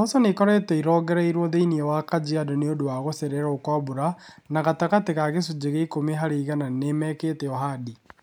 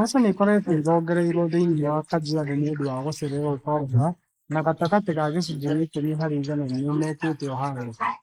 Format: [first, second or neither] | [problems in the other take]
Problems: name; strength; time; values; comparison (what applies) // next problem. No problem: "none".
first | noise reduction (neural mask model Resemble Enhance denoiser)